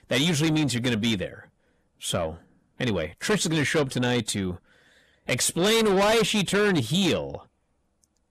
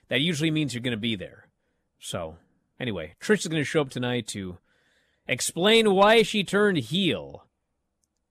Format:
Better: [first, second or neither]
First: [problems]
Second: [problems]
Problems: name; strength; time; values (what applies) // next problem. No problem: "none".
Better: second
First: distortion; heavy; 6 dB below the speech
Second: none